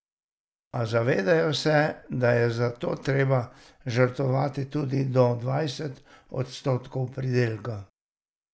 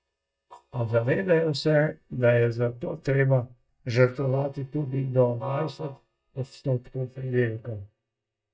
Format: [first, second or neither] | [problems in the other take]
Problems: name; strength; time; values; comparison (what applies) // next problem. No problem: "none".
first | noise reduction (neural mask model DeepFilterNet 3)